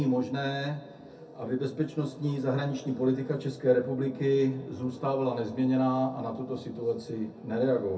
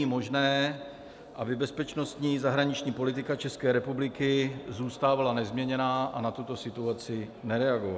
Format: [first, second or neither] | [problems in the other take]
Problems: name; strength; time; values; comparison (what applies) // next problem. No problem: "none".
second | room echo; dies away in 0.3 s